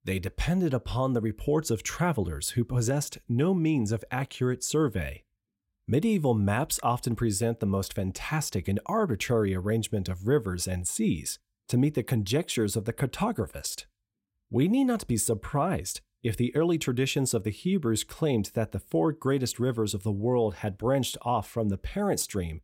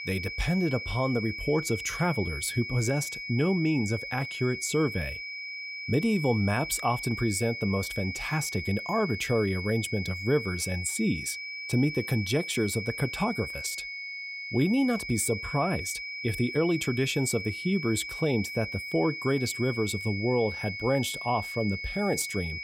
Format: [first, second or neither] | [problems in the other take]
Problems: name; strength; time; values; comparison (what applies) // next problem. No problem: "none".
first | high-pitched whine; loud; throughout; 2.5 kHz, 6 dB below the speech